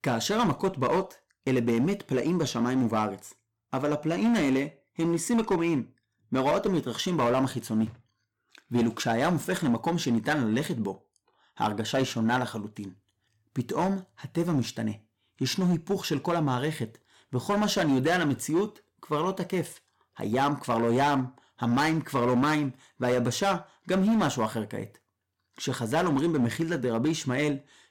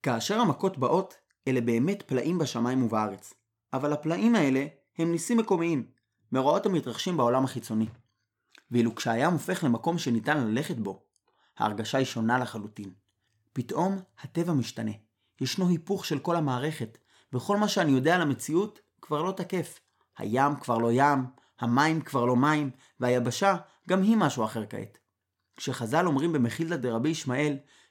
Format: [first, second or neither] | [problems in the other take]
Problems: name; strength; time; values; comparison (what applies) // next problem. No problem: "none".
second | distortion; slight; 7% of the sound clipped